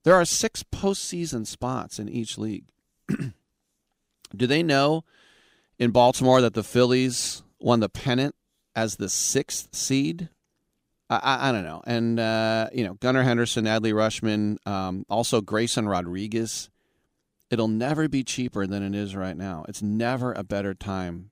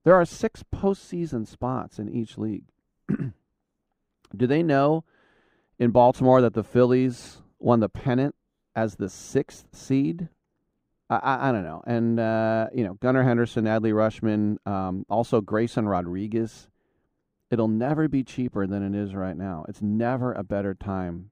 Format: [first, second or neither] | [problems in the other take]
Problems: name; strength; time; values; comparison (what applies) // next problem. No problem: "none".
first | muffled; very; fading above 2.5 kHz